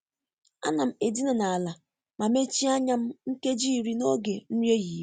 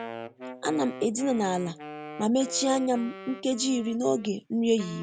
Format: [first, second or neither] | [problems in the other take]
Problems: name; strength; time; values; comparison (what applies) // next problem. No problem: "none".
first | background sound (Wind instrument, woodwind instrument); 14 dB below the speech